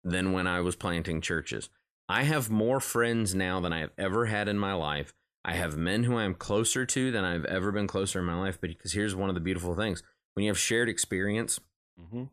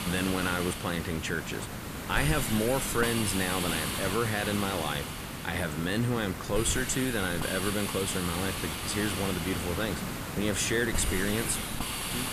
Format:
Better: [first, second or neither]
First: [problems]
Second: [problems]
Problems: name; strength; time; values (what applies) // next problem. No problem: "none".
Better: first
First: none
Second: hiss; loud; throughout; 3 dB below the speech